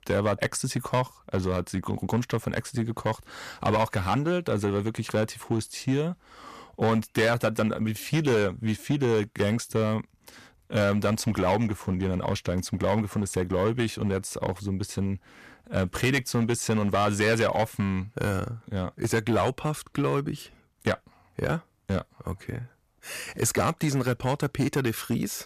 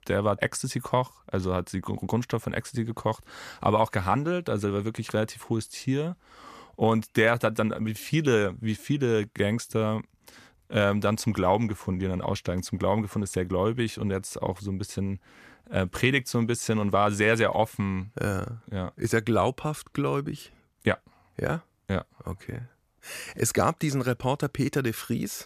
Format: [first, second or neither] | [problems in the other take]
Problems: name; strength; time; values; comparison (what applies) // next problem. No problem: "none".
second | distortion; slight; 5% of the sound clipped